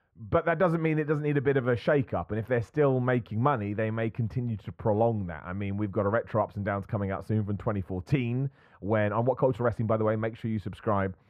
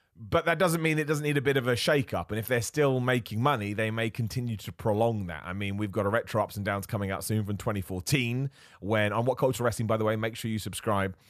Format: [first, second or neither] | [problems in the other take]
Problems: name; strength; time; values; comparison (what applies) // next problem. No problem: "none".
second | muffled; very; fading above 3.5 kHz